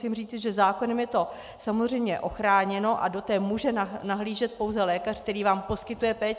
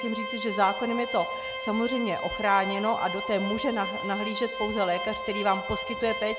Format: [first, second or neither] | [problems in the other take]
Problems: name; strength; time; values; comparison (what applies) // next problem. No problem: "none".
first | background sound (Organ); 6 dB below the speech